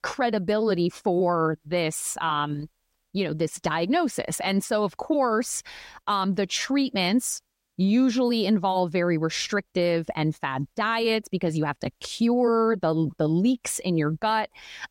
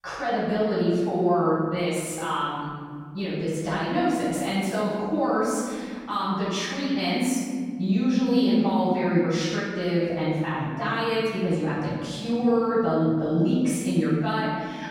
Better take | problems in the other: first | off-mic speech; far // room echo; strong; dies away in 1.9 s

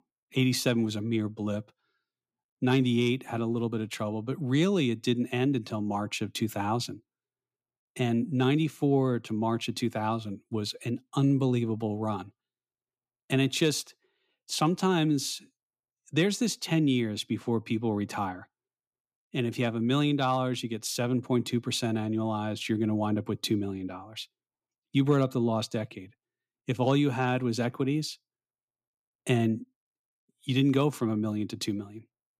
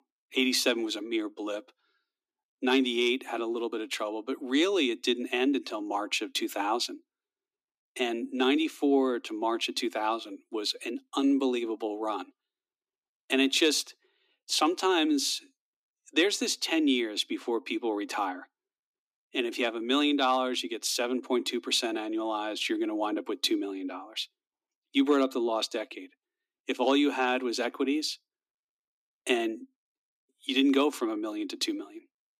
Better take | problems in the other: first | thin; very slightly; fading below 250 Hz

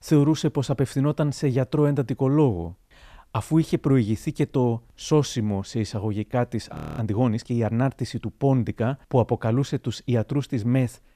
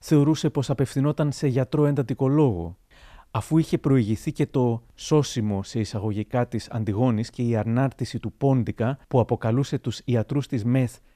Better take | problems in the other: second | audio freezing; at 7 s

